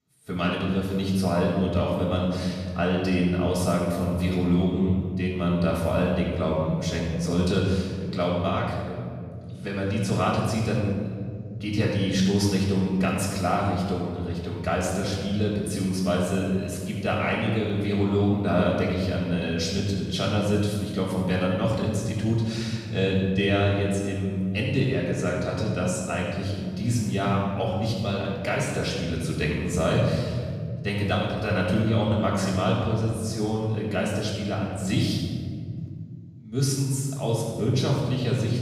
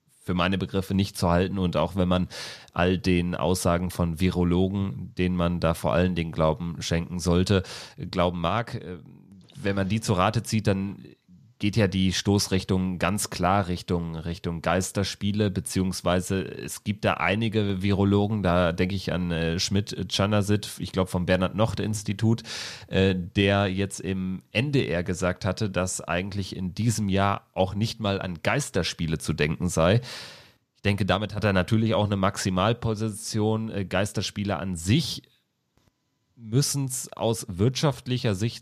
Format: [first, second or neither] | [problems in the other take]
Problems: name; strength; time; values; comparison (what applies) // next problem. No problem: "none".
second | off-mic speech; far // room echo; noticeable; dies away in 2.3 s